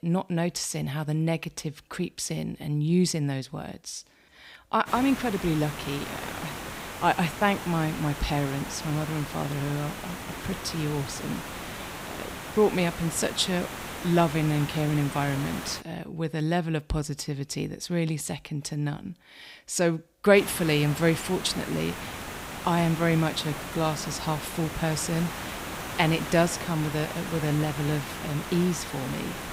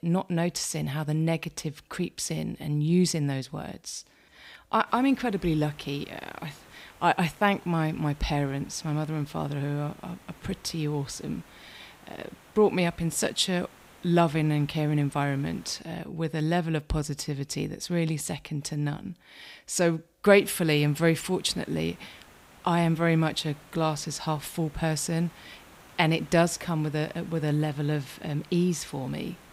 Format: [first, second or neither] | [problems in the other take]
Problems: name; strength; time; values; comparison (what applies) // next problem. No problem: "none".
second | hiss; loud; from 5 to 16 s and from 20 s on; 8 dB below the speech; faint in the second